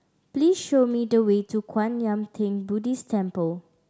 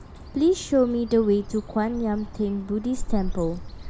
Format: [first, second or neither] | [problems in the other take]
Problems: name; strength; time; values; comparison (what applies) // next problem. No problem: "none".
first | background sound (Bird); 9 dB below the speech